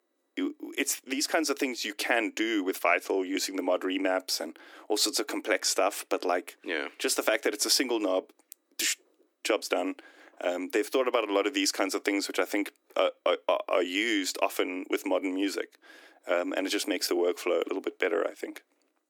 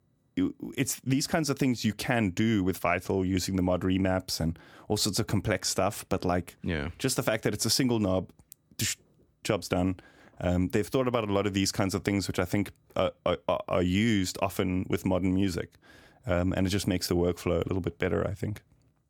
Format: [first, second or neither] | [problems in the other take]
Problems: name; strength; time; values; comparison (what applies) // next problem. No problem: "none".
second | thin; somewhat; fading below 300 Hz